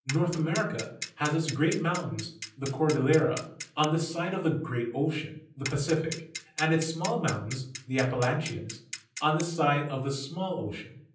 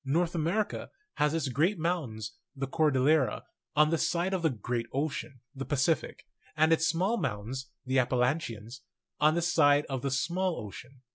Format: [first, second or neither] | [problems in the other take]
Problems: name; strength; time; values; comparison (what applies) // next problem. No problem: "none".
second | background sound (Clock); 12 dB below the speech // room echo; dies away in 0.6 s